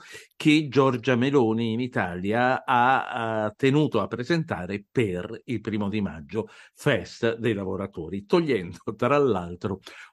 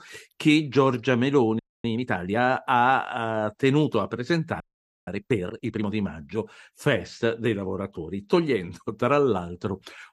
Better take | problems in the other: first | audio freezing; at 1.5 s and at 4.5 s

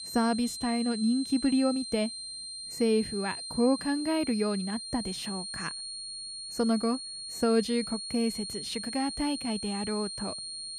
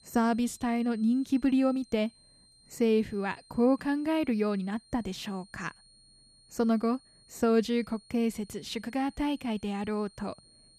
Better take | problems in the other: second | high-pitched whine; loud; throughout; 4.5 kHz, 6 dB below the speech; faint in the second

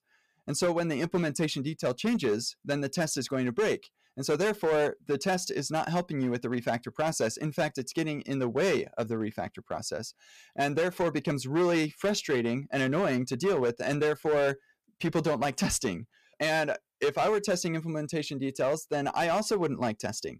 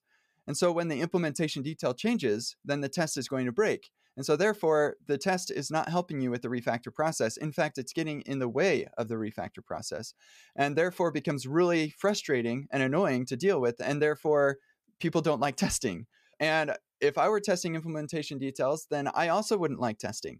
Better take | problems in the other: second | distortion; slight; 8% of the sound clipped

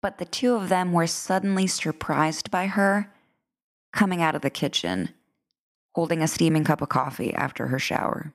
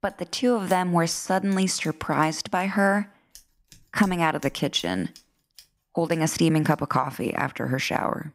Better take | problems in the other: first | household noises; faint; throughout; 25 dB below the speech

